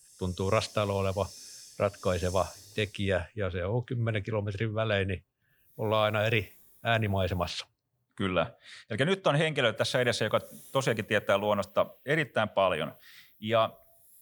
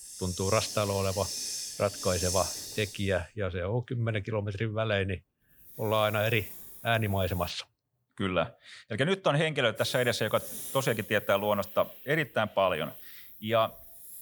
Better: first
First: hiss; faint; until 7.5 s and from 10 s on; 20 dB below the speech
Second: hiss; loud; until 7.5 s and from 10 s on; 8 dB below the speech

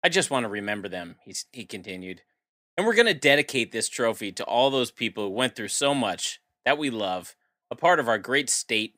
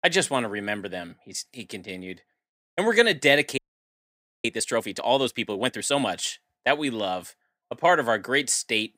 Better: first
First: none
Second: audio freezing; at 3.5 s for 1 s

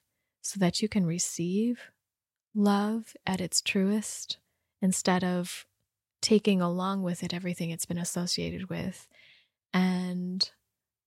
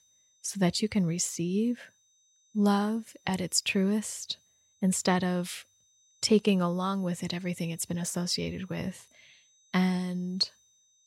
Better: first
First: none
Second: high-pitched whine; faint; throughout; 6 kHz, 35 dB below the speech

